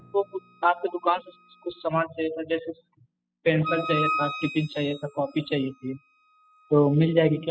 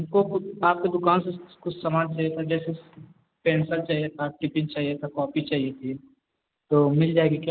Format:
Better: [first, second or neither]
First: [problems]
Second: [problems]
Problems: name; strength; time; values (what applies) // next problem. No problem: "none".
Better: second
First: noise reduction (classical method spectral subtraction)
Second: none